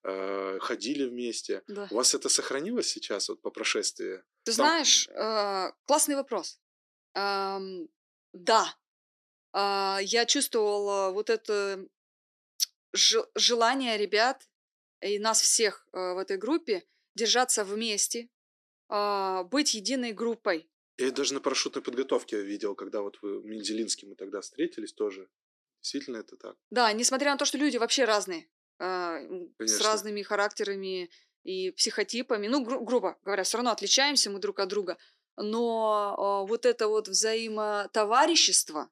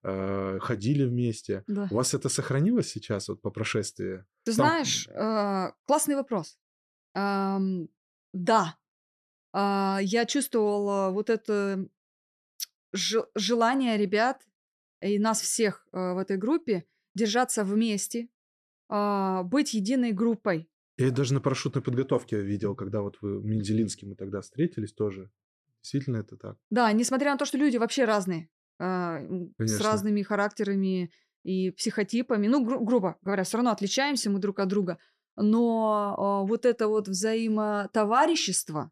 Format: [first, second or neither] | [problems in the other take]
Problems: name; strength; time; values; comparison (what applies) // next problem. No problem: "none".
second | thin; somewhat; fading below 300 Hz